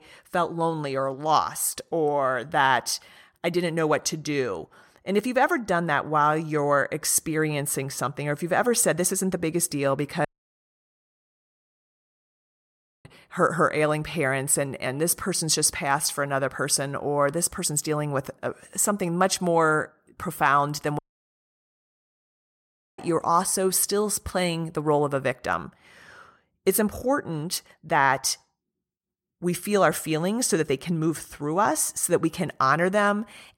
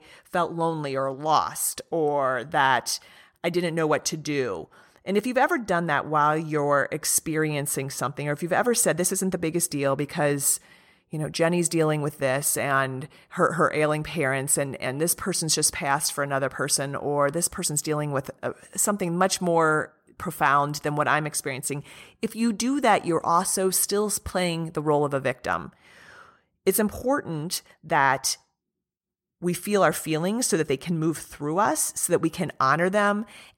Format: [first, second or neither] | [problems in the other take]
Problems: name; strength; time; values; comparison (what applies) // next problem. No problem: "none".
second | audio cutting out; at 10 s for 3 s and at 21 s for 2 s